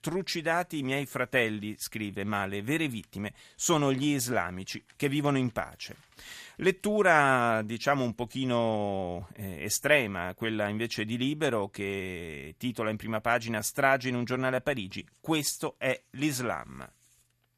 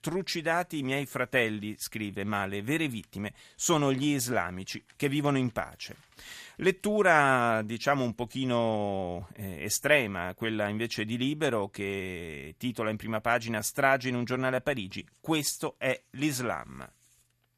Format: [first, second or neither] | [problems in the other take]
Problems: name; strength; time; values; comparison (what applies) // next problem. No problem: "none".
neither | none